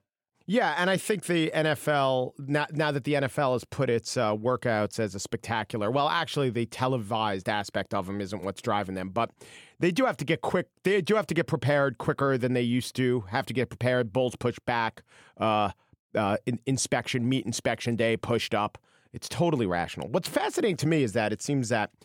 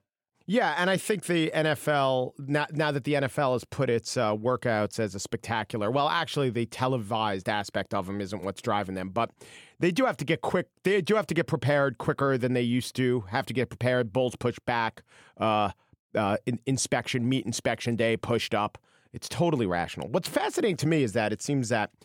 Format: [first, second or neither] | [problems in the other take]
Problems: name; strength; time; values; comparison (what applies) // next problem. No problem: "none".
neither | none